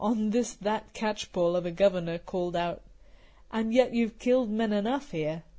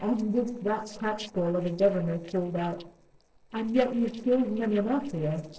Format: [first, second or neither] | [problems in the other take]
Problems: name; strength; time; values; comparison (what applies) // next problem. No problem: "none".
first | noise reduction (neural separator model SepFormer DNS4)